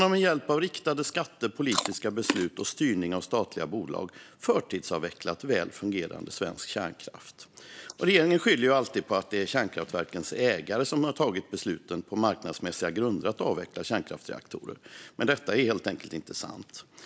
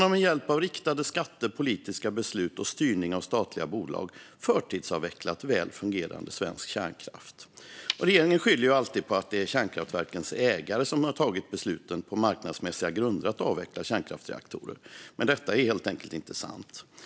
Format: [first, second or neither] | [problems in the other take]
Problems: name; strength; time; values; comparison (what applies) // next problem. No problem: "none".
second | noise reduction (neural mask model Resemble Enhance denoiser)